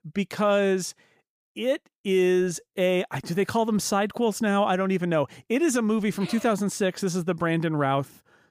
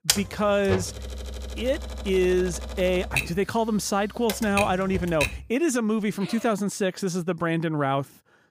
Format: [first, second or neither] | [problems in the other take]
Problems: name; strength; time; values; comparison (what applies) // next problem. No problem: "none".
first | keyboard typing; loud; until 5.5 s; peak 2 dB above the speech